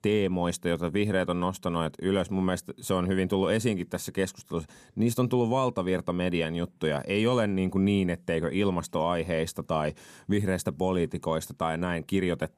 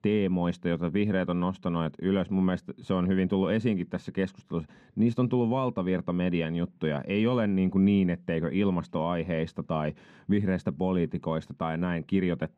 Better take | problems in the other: first | muffled; slightly; fading above 2.5 kHz

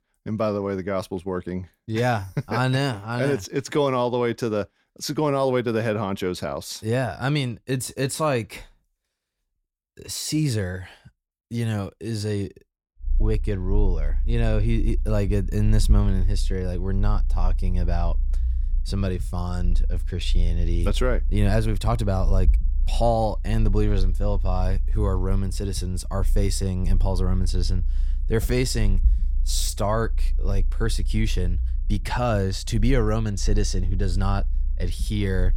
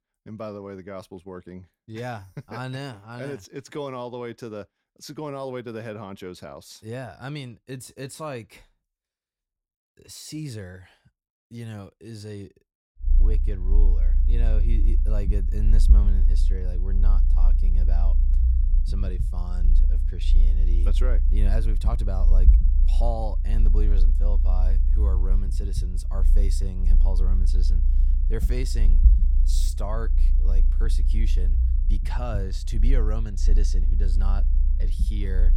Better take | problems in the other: first | low rumble; loud; from 13 s on; 8 dB below the speech; faint in the first

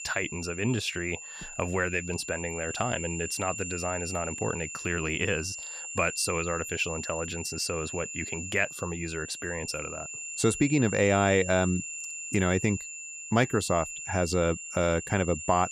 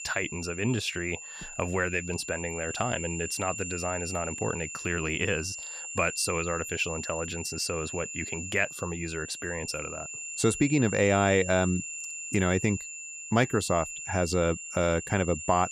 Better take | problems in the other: neither | high-pitched whine; loud; throughout; 7 kHz, 7 dB below the speech; the same in both

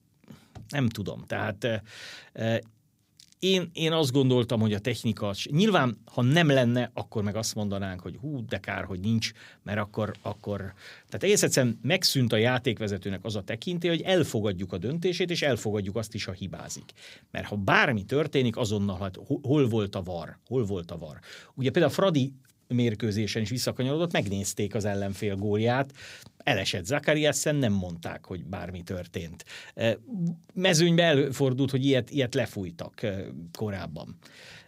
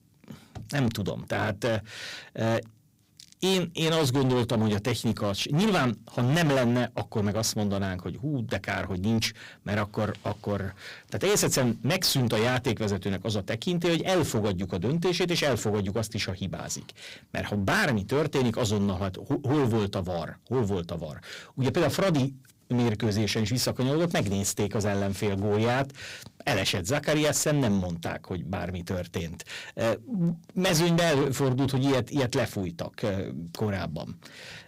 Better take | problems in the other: first | distortion; heavy; 16% of the sound clipped

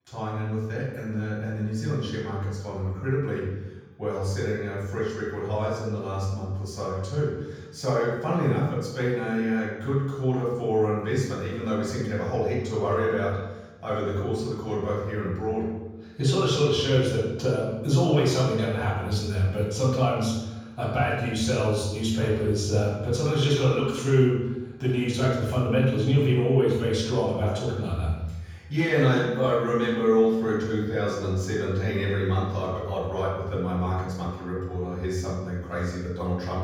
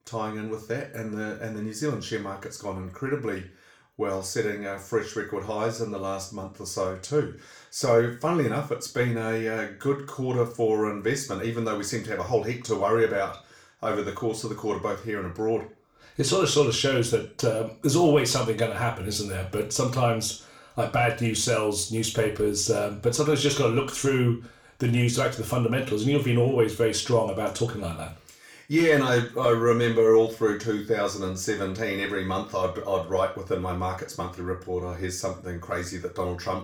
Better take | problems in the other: second | room echo; strong; dies away in 1.3 s; slight in the second // off-mic speech; far; far in the second

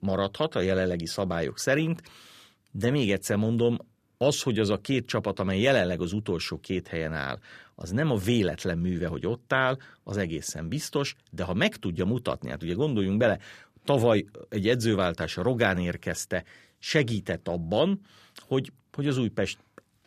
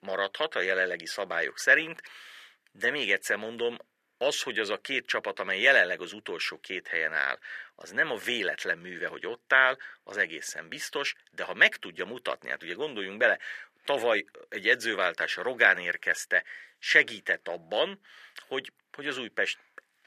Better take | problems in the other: first | thin; very; fading below 550 Hz

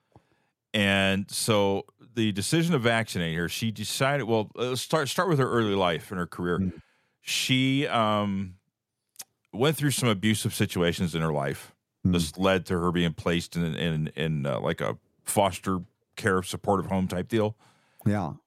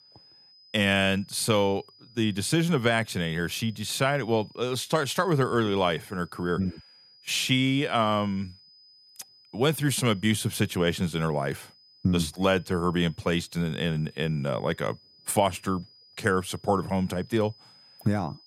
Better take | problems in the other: first | high-pitched whine; faint; throughout; 5 kHz, 25 dB below the speech

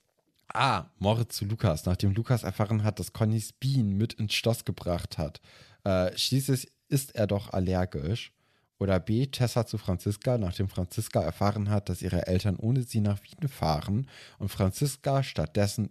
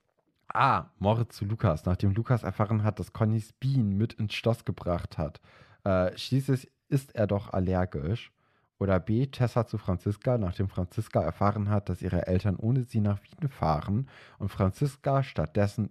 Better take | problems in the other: first | muffled; slightly; fading above 3.5 kHz

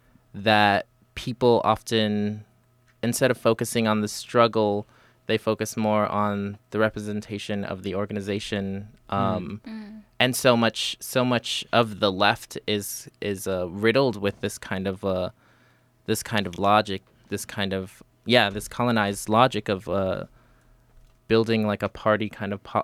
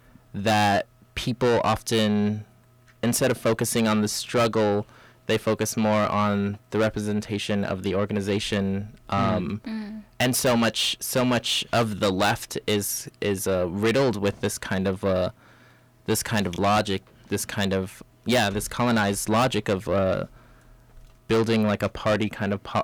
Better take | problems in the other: first | distortion; heavy; 7 dB below the speech

